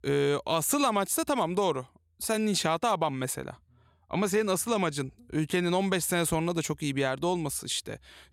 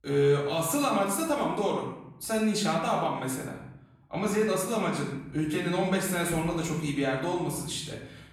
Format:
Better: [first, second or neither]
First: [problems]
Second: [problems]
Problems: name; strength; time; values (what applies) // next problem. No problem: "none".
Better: first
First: none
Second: off-mic speech; far // room echo; noticeable; dies away in 0.8 s